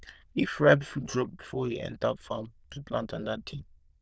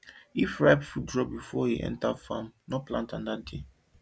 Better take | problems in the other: second | noise reduction (neural diffusion model UNIVERSE++)

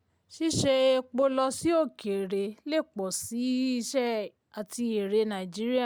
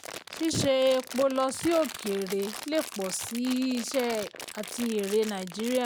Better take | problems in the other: first | background sound (Crumpling, crinkling); 12 dB below the speech

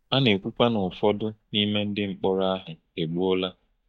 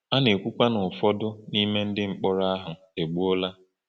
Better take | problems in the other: second | noise reduction (neural mask model DeepFilterNet 3)

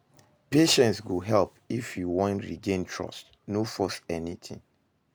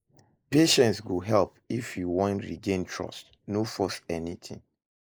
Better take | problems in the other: first | noise reduction (neural mask model Resemble Enhance denoiser)

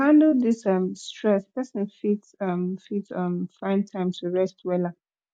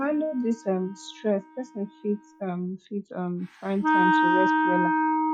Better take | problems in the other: first | noise reduction (classical method log-MMSE)

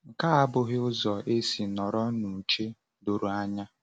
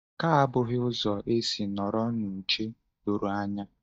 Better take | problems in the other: first | noise reduction (neural mask model DeepFilterNet 3)

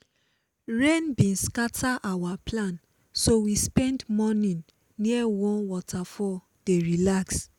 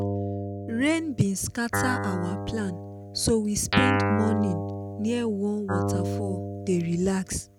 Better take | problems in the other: first | background sound (Guitar); 2 dB below the speech

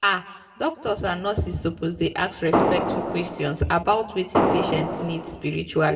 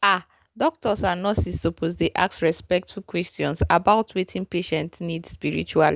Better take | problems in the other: second | background sound (Fireworks); 1 dB above the speech // room echo; dies away in 1.1 s

